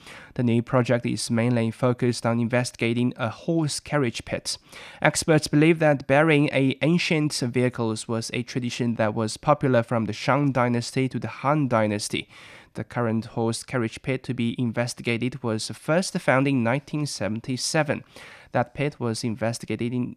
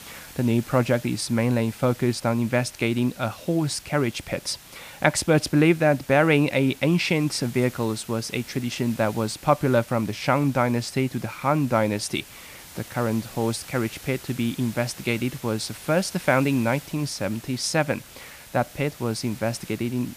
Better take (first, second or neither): first